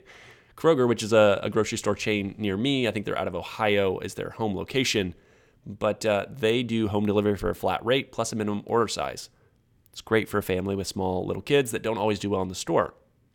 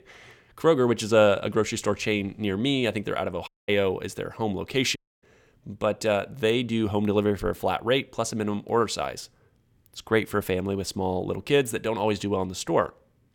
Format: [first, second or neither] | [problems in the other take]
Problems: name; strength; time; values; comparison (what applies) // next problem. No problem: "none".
first | audio cutting out; at 3.5 s and at 5 s